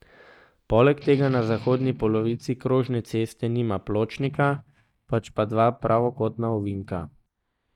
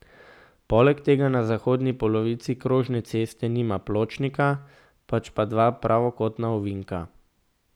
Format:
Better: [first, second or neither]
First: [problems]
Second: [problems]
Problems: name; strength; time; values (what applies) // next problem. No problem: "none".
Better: second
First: noise reduction (neural mask model DeepFilterNet 3)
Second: none